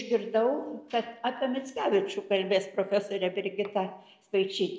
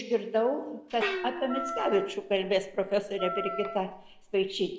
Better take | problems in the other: first | background sound (Gong + Wind instrument, woodwind instrument); 7 dB below the speech

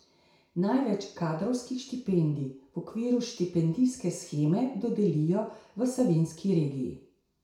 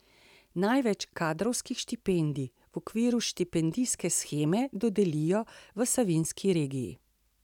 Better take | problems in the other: second | room echo; dies away in 0.6 s

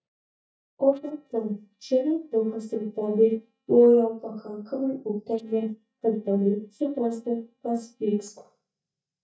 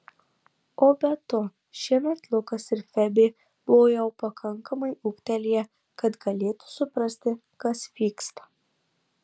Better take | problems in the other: second | noise reduction (neural mask model DeepFilterNet 3)

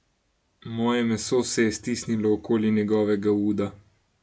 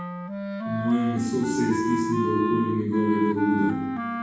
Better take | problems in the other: first | background sound (Wind instrument, woodwind instrument); 2 dB below the speech // room echo; dies away in 1.2 s

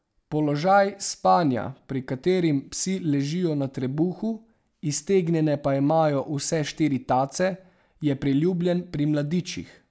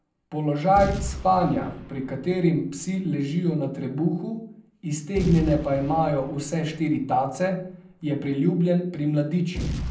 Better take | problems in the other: first | background sound (Boom); 12 dB below the speech // room echo; dies away in 0.6 s

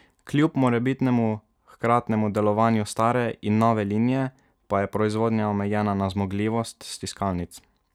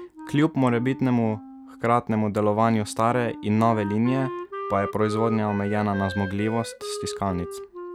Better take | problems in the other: first | background sound (Wind instrument, woodwind instrument); 12 dB below the speech

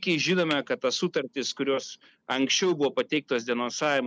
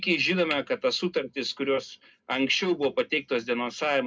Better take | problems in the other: first | room echo; dies away in 0.2 s

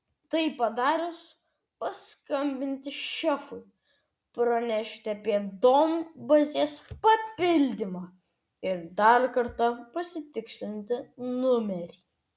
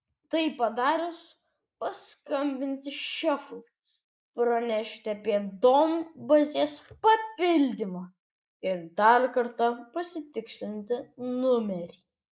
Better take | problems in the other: first | noise reduction (neural mask model Resemble Enhance denoiser)

